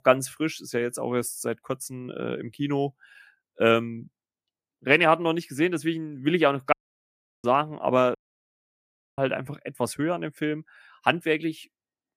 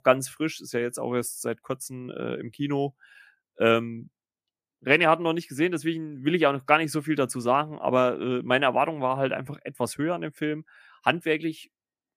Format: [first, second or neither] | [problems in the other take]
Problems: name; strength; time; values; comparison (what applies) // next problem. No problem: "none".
second | audio cutting out; at 6.5 s for 0.5 s and at 8 s for 1 s